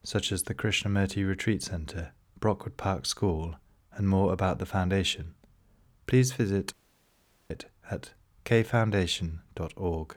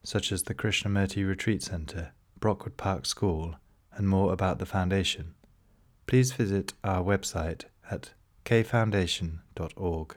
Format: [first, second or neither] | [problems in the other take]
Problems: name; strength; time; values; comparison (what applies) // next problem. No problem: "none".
second | audio cutting out; at 6.5 s for 1 s